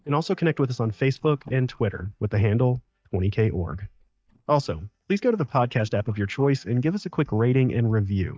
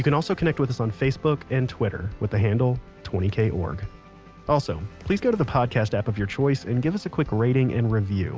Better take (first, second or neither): second